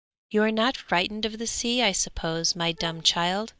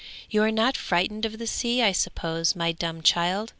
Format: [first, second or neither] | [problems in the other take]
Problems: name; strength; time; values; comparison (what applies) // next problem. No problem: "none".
second | noise reduction (neural mask model DeepFilterNet 3)